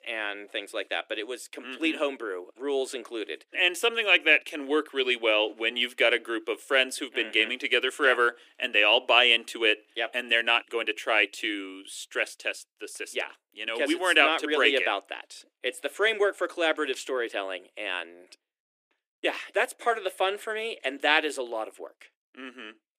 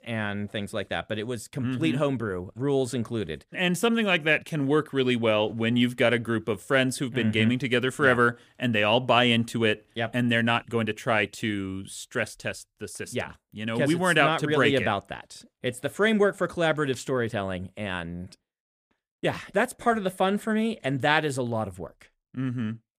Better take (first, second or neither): second